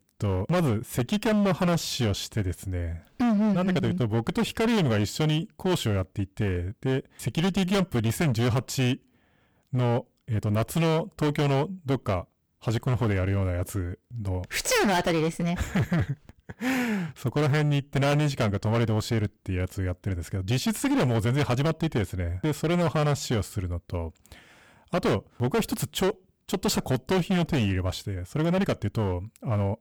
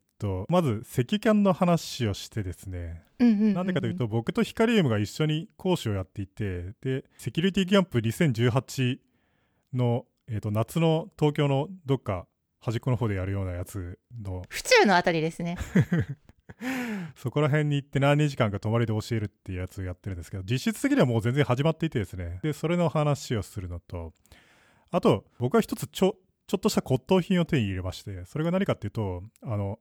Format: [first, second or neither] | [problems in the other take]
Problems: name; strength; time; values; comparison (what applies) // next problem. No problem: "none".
second | distortion; heavy; 17% of the sound clipped